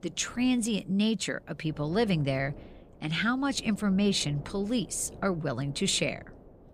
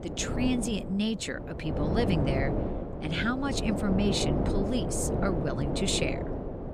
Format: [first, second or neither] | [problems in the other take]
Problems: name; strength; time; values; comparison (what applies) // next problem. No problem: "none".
first | wind noise on the microphone; heavy; 2 dB below the speech; occasional gusts in the first